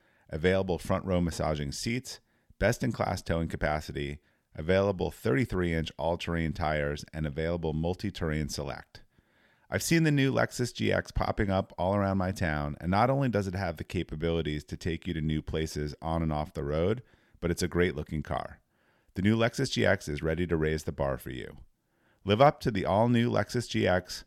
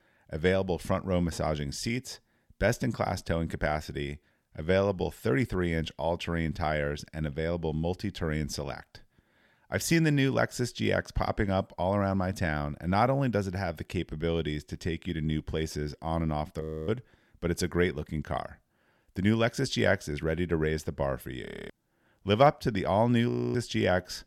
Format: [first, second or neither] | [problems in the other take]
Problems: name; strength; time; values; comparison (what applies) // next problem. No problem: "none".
first | audio freezing; at 17 s, at 21 s and at 23 s